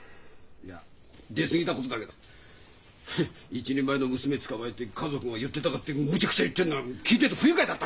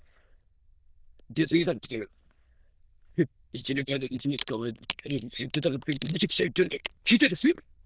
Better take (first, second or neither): first